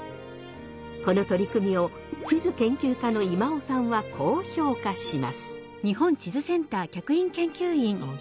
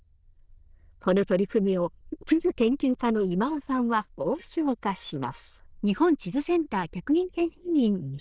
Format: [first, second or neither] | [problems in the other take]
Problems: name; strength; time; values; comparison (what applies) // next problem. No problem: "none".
first | noise reduction (neural diffusion model UNIVERSE++)